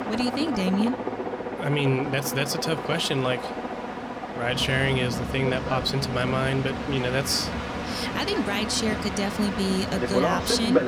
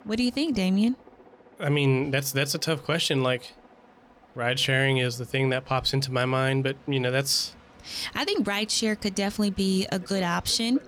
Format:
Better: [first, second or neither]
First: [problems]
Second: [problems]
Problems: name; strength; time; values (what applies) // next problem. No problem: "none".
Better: second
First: train or aircraft noise; loud; throughout; 4 dB below the speech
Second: train or aircraft noise; faint; throughout; 25 dB below the speech